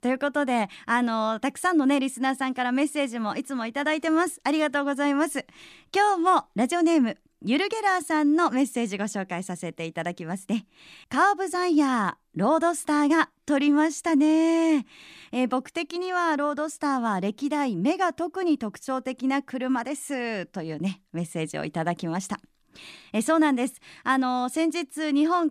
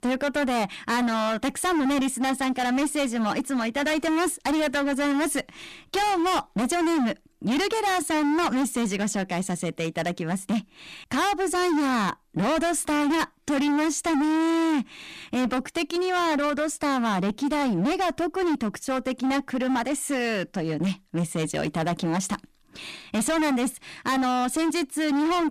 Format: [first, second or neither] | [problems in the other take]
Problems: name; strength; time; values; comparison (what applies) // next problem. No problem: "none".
first | distortion; heavy; 30% of the sound clipped